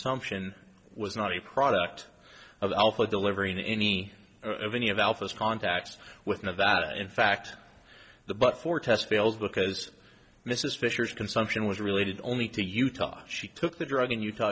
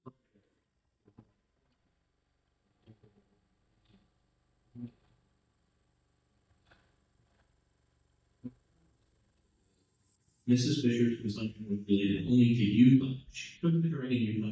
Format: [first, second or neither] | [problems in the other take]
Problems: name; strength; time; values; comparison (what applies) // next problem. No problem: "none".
first | noise reduction (neural mask model DeepFilterNet 3)